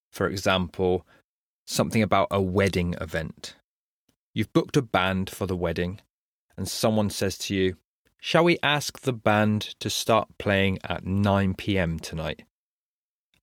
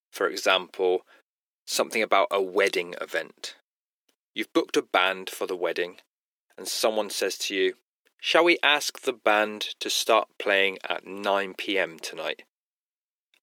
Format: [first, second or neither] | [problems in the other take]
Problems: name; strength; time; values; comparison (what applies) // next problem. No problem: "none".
first | thin; very; fading below 350 Hz